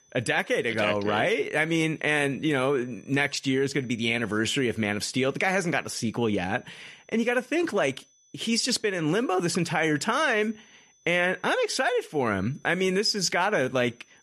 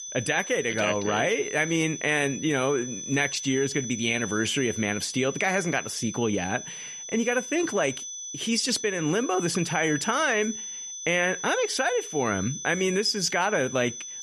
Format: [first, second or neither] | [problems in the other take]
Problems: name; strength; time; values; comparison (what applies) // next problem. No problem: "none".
first | high-pitched whine; loud; throughout; 6 kHz, 9 dB below the speech; faint in the first